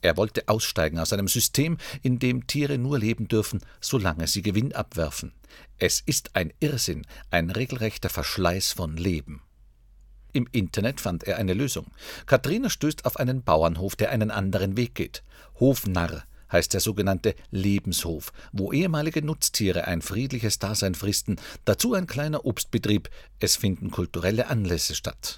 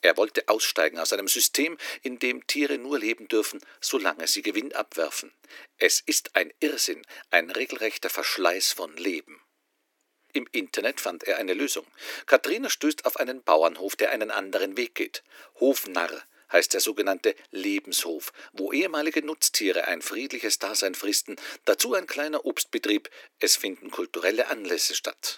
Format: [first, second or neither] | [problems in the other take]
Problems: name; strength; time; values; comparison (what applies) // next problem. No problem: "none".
first | thin; somewhat; fading below 300 Hz